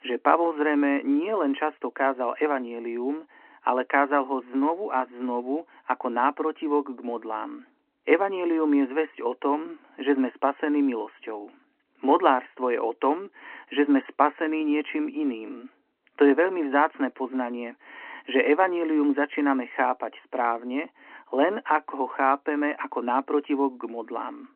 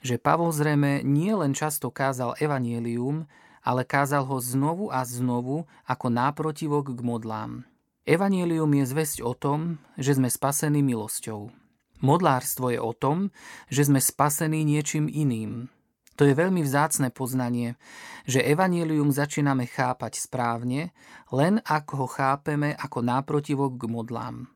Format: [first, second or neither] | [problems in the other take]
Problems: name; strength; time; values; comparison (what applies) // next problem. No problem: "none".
second | phone-call audio